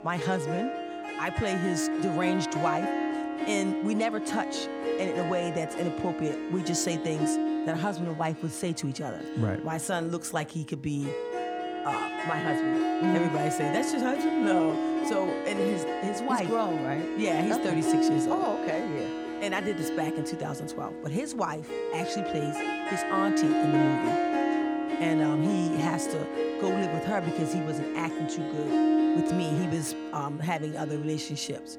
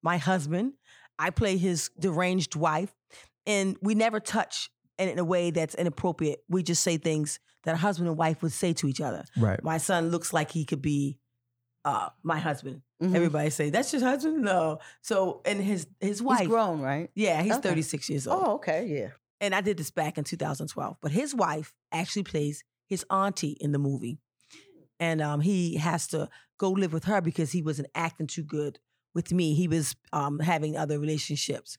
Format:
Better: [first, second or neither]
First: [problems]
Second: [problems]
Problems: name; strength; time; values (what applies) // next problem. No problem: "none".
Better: second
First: background music; very loud; throughout; 2 dB above the speech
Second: none